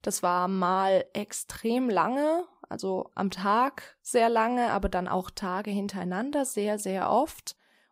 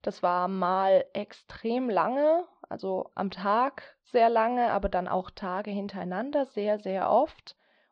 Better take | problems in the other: first | muffled; slightly; fading above 4.5 kHz

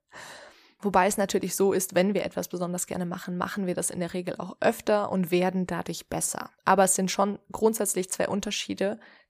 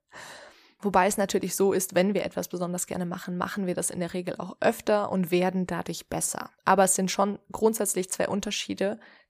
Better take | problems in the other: neither | none

